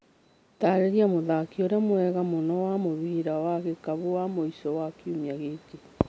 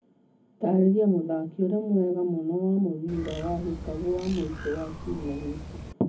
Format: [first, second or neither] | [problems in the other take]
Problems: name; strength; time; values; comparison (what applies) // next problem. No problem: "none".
first | background sound (Bird); 11 dB below the speech // room echo; dies away in 0.3 s